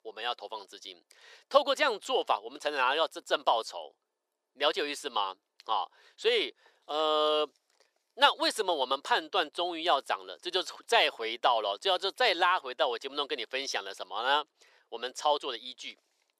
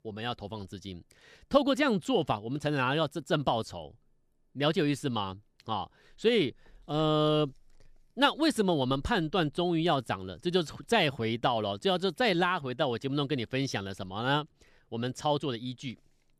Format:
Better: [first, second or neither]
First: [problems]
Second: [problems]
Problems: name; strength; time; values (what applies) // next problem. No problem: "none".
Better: second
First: thin; very; fading below 450 Hz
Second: none